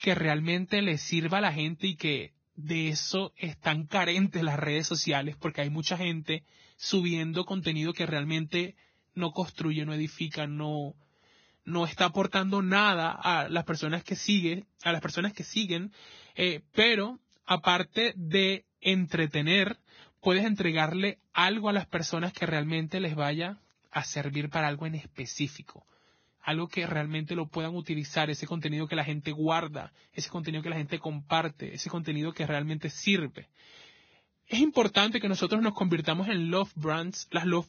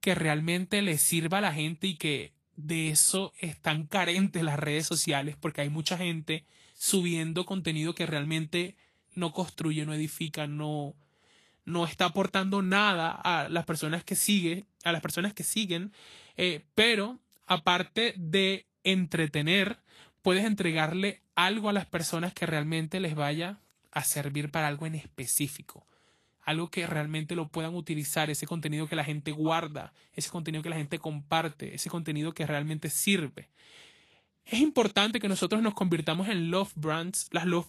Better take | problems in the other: second | garbled, watery; badly; nothing above 6.5 kHz; slightly in the second

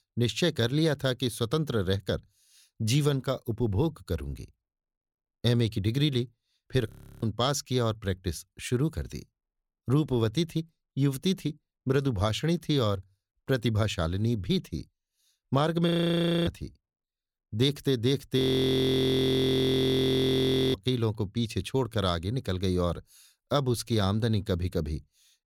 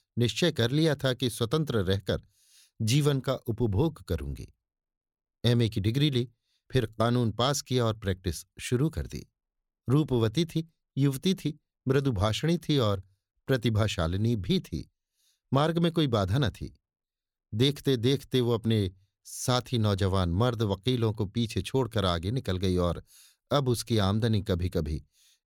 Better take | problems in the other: second | audio freezing; at 7 s, at 16 s for 0.5 s and at 18 s for 2.5 s

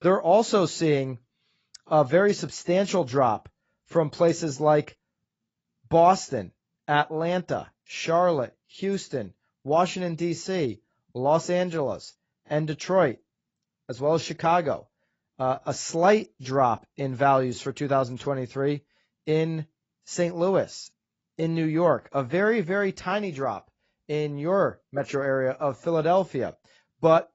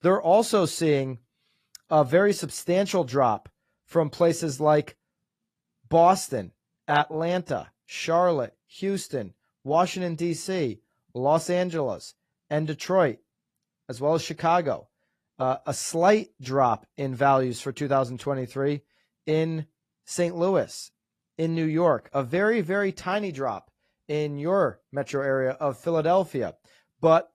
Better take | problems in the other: second | garbled, watery; badly; nothing above 7.5 kHz; slightly in the second

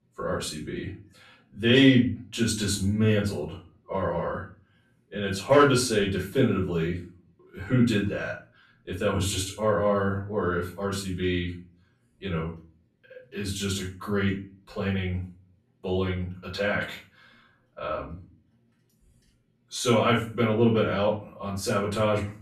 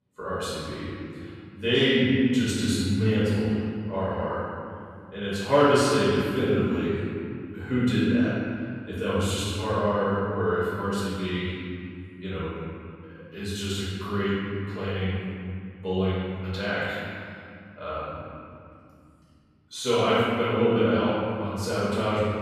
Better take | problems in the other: first | room echo; strong; dies away in 2.4 s; slight in the first // off-mic speech; far; far in the first

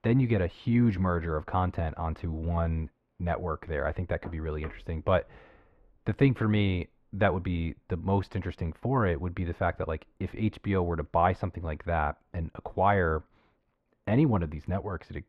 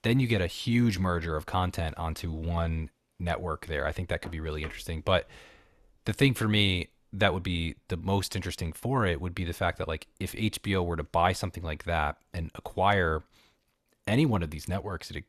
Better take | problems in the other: second | muffled; very; fading above 4 kHz

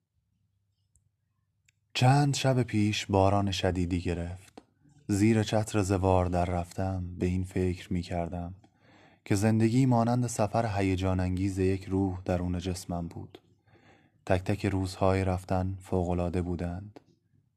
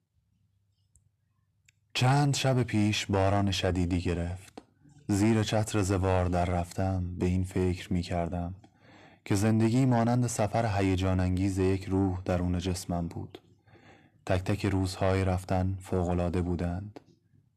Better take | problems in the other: first | distortion; slight; 10 dB below the speech

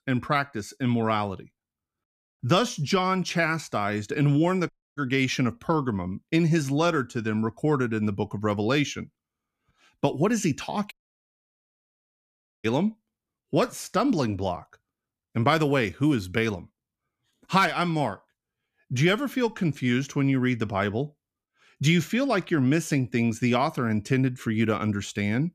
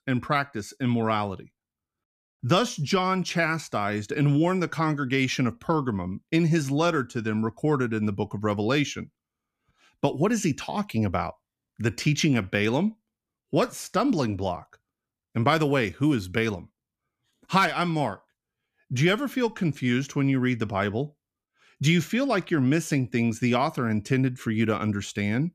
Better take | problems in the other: second | audio cutting out; at 4.5 s and at 11 s for 1.5 s

